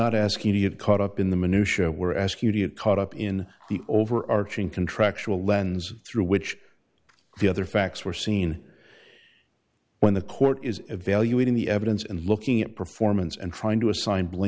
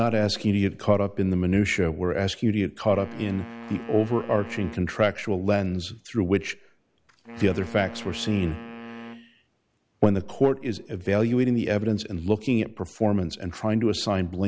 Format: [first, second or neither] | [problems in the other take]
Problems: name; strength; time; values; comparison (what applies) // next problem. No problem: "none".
first | background sound (Wind instrument, woodwind instrument); 17 dB below the speech